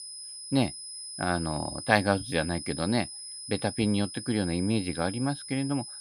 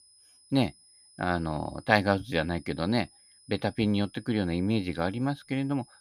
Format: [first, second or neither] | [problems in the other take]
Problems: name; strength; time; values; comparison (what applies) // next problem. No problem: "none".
second | high-pitched whine; loud; throughout; 5 kHz, 9 dB below the speech; faint in the second